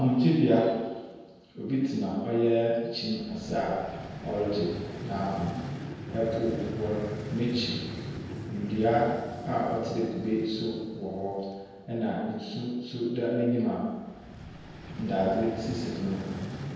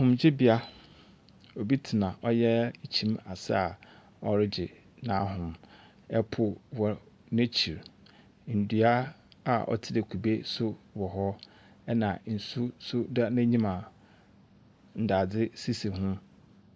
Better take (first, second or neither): second